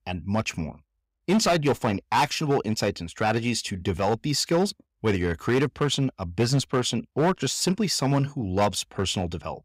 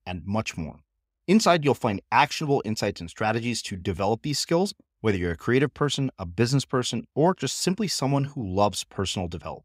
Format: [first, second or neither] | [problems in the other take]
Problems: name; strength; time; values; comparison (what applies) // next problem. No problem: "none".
second | distortion; slight; 5% of the sound clipped